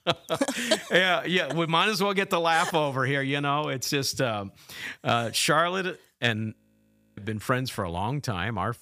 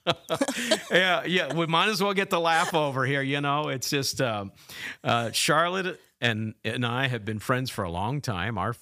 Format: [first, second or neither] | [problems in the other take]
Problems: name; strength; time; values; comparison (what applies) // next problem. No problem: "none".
second | audio freezing; at 6.5 s for 0.5 s